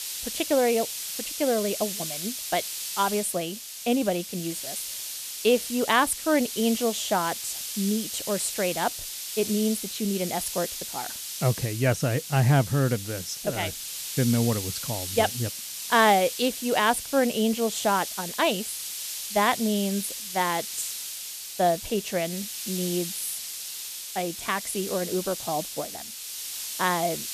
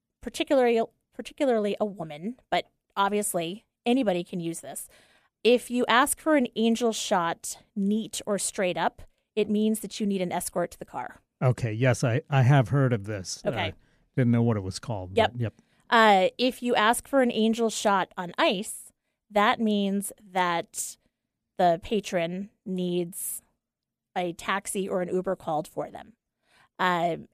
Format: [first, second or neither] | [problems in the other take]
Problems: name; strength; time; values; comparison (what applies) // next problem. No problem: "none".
second | hiss; loud; throughout; 6 dB below the speech